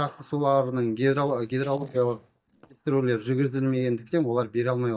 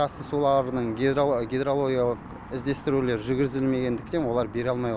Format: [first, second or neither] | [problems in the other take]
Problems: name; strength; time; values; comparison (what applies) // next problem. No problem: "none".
second | noise reduction (neural mask model DeepFilterNet 3)